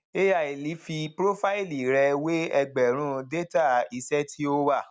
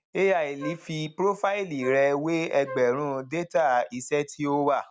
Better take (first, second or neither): first